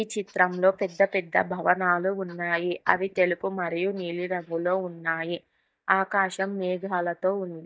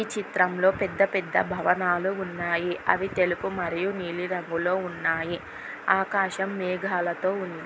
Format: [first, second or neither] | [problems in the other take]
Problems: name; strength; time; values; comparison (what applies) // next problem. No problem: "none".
second | noise reduction (neural mask model DeepFilterNet 3)